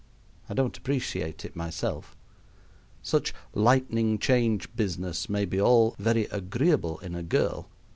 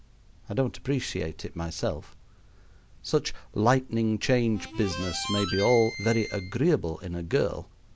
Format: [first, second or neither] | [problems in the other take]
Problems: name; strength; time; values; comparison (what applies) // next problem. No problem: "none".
first | background sound (Harmonica); 9 dB below the speech